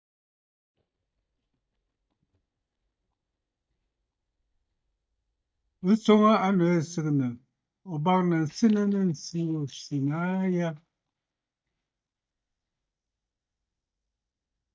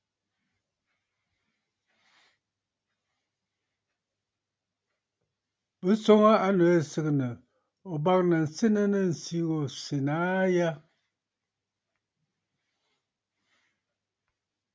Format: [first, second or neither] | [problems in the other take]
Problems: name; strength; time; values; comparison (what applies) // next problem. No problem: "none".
second | noise reduction (neural mask model DeepFilterNet 3)